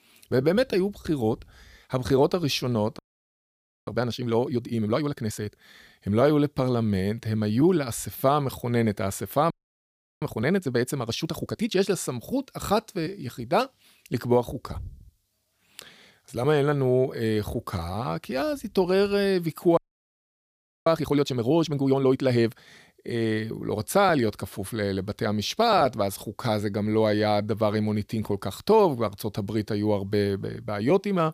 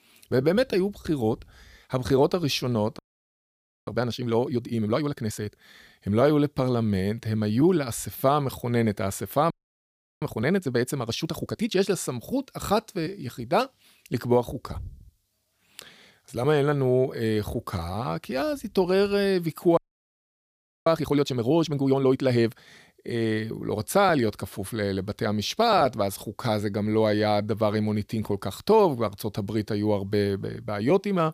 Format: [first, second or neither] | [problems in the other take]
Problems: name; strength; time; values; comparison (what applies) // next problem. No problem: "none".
neither | audio freezing; at 3 s for 1 s, at 9.5 s for 0.5 s and at 20 s for 1 s; the same in both